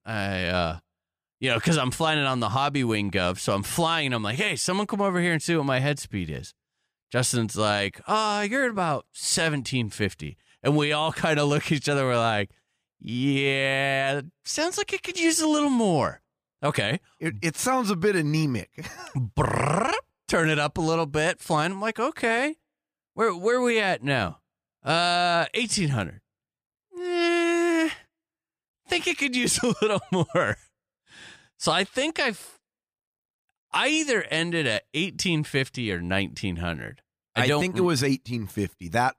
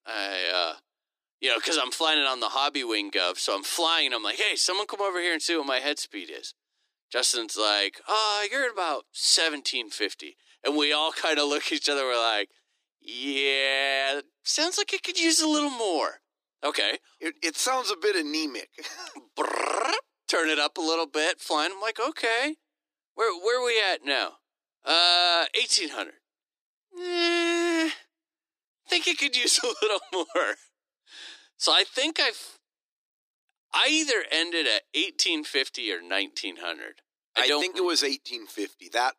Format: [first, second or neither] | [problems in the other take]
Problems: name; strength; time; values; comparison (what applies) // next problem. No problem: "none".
first | thin; somewhat; fading below 300 Hz